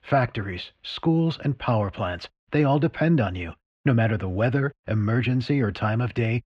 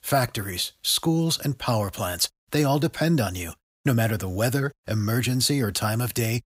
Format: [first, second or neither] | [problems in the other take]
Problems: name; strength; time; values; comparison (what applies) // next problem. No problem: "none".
second | muffled; very; fading above 2.5 kHz